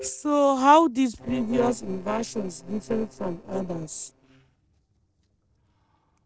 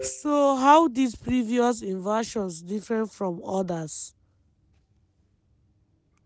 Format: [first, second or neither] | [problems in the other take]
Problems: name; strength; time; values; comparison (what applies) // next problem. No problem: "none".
second | noise reduction (neural separator model SepFormer DNS4)